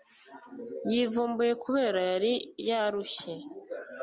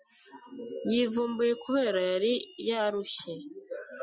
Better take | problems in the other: first | noise reduction (classical method Wiener filter)

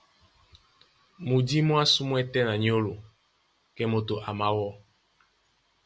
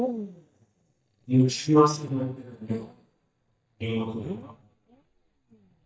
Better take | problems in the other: first | noise reduction (neural mask model DeepFilterNet 3)

